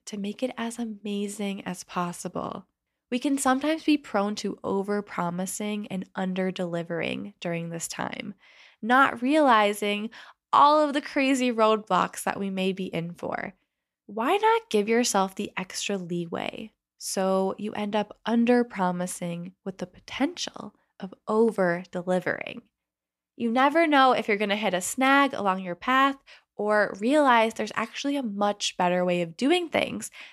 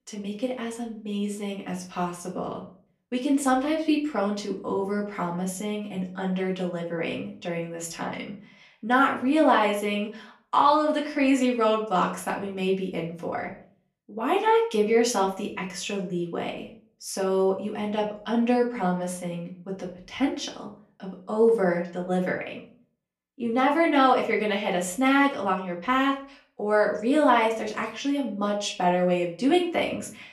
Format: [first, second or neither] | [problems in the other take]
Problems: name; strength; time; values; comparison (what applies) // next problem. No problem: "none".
first | room echo; slight; dies away in 0.4 s // off-mic speech; far